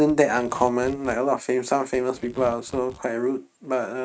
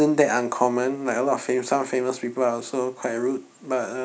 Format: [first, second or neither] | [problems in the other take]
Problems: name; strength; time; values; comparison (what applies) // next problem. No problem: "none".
second | noise reduction (neural mask model RNNoise)